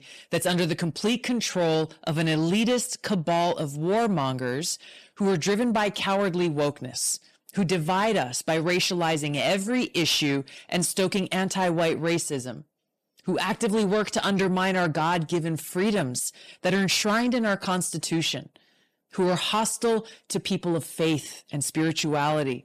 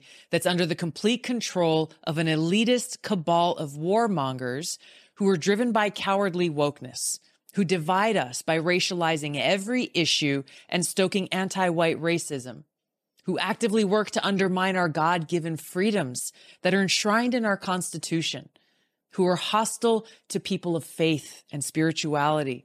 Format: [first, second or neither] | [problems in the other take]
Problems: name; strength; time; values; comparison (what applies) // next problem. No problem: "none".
second | distortion; slight; 10 dB below the speech